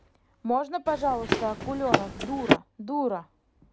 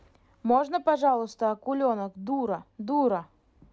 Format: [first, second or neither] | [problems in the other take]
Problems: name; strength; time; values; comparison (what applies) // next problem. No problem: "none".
second | background sound (Run); 3 dB above the speech